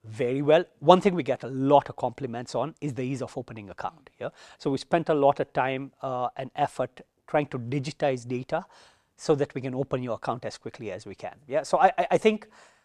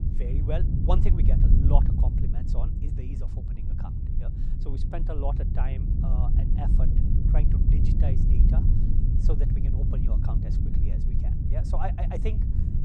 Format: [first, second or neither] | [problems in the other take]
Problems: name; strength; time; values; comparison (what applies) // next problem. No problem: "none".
first | low rumble; loud; throughout; 1 dB below the speech